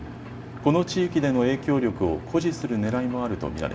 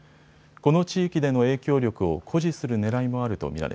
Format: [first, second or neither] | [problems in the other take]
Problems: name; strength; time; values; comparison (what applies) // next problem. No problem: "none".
second | background sound (Engine); 13 dB below the speech // room echo; dies away in 1.5 s